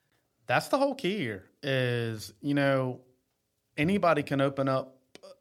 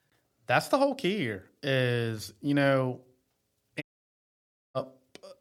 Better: first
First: none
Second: audio cutting out; at 4 s for 1 s

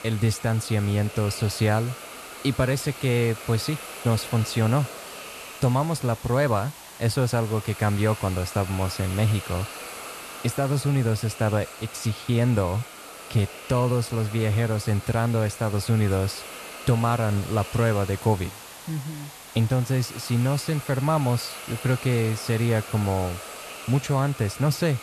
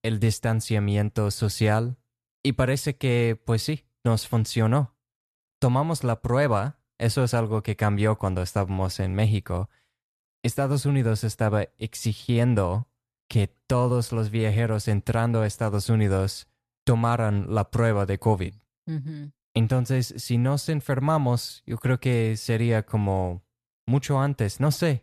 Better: second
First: hiss; noticeable; throughout; 15 dB below the speech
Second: none

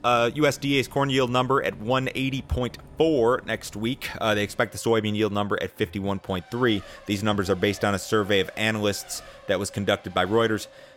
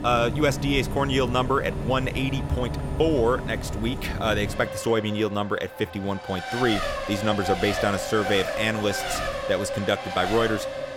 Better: first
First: traffic noise; faint; throughout; 25 dB below the speech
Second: traffic noise; loud; throughout; 5 dB below the speech

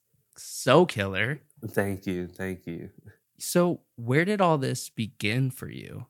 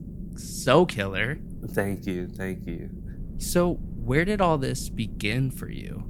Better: first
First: none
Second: low rumble; faint; throughout; 20 dB below the speech

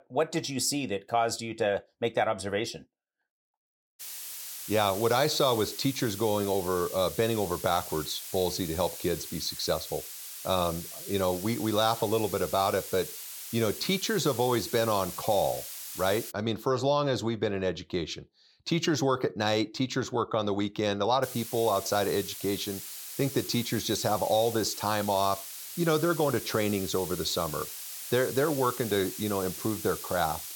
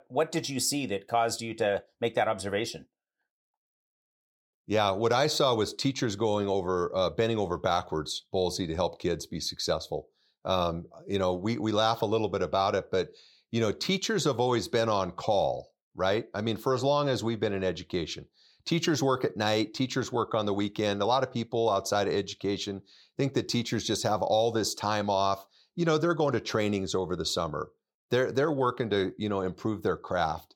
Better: second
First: hiss; loud; from 4 to 16 s and from 21 s on; 9 dB below the speech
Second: none

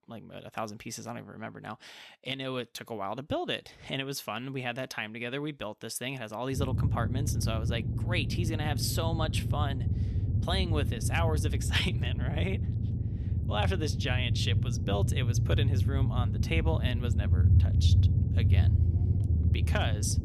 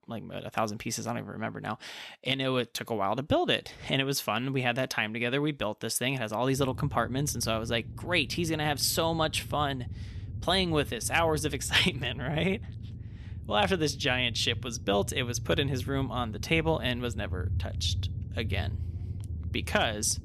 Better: second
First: low rumble; loud; from 6.5 s on; 7 dB below the speech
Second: low rumble; faint; from 6.5 s on; 25 dB below the speech

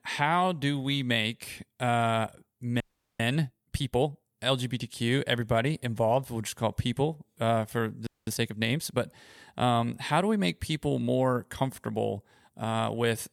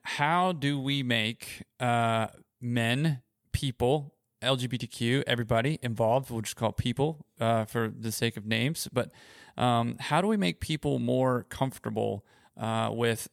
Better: second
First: audio freezing; at 3 s and at 8 s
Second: none

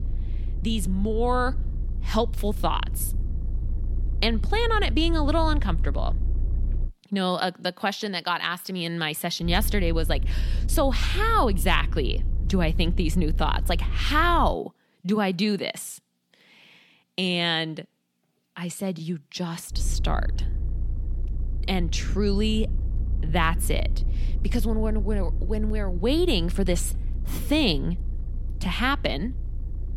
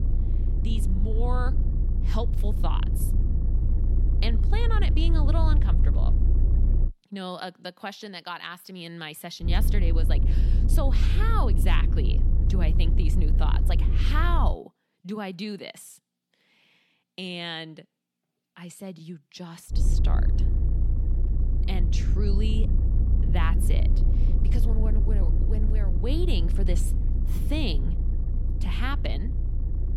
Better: first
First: low rumble; faint; until 7 s, from 9.5 to 15 s and from 20 s on; 20 dB below the speech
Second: low rumble; loud; until 7 s, from 9.5 to 15 s and from 20 s on; 7 dB below the speech

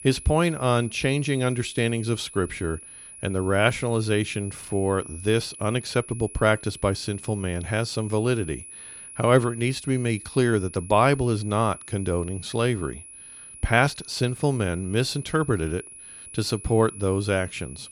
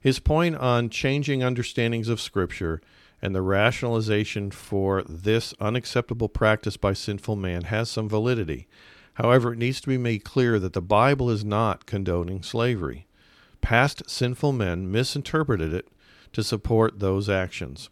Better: second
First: high-pitched whine; noticeable; throughout; 10.5 kHz, 15 dB below the speech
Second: none

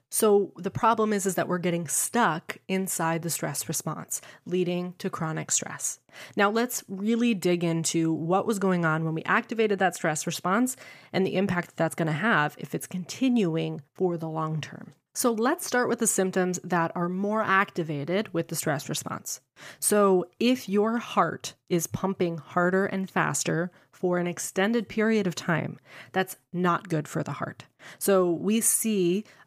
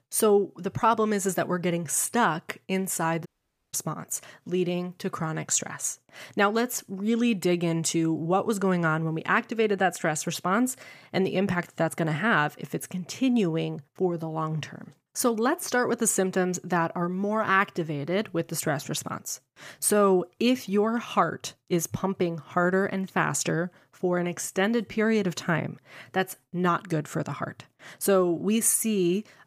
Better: first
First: none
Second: audio cutting out; at 3.5 s

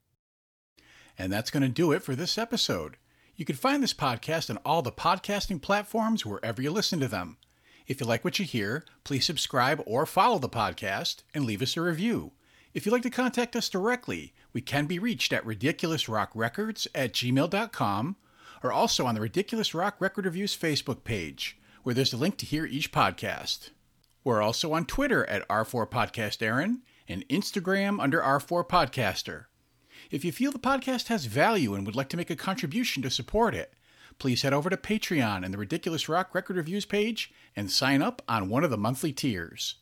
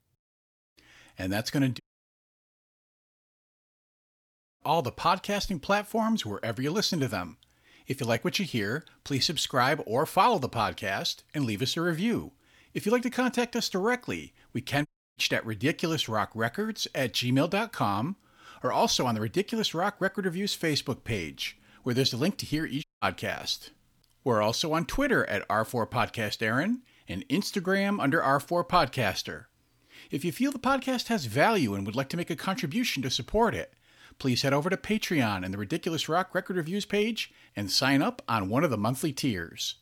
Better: first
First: none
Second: audio cutting out; at 2 s for 3 s, at 15 s and at 23 s

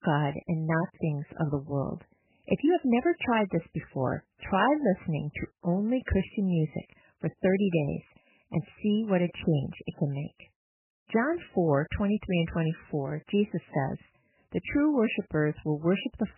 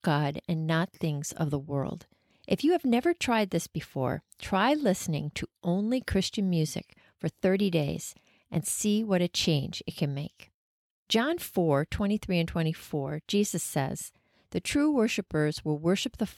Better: second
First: garbled, watery; badly; nothing above 3 kHz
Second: none

